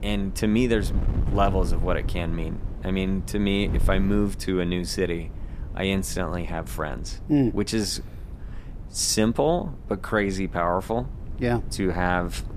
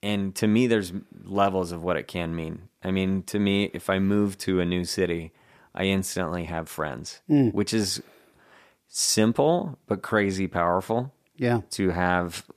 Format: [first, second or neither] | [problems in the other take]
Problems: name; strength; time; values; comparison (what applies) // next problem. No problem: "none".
second | wind noise on the microphone; occasional gusts; 20 dB below the speech